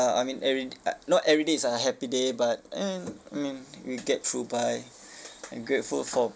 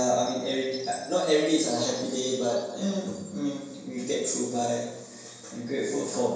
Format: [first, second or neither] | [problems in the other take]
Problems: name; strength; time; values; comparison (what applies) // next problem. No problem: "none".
first | background sound (Chime); 19 dB below the speech // room echo; dies away in 1 s